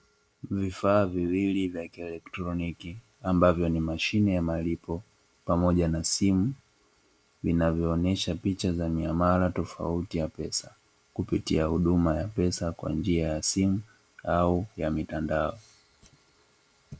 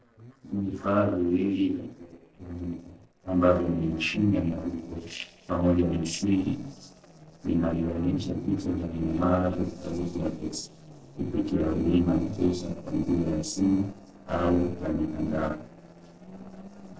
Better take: first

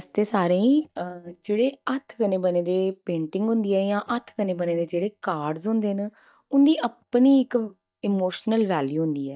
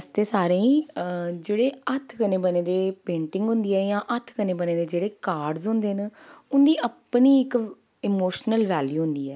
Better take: second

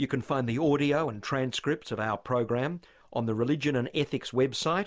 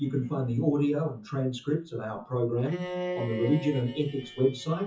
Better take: first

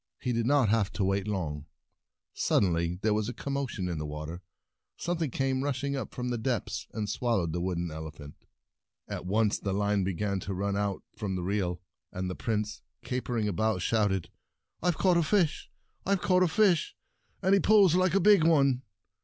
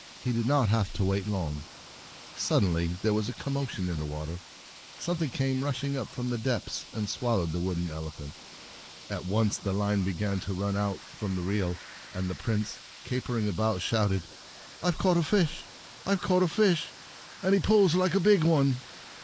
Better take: first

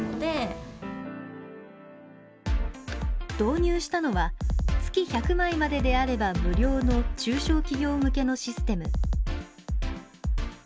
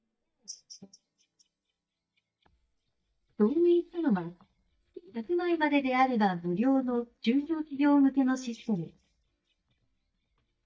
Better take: first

